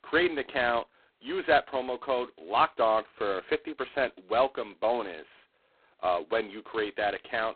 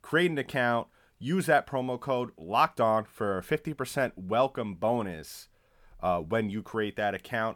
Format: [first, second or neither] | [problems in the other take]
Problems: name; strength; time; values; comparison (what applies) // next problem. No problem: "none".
second | phone-call audio; poor line; nothing above 4 kHz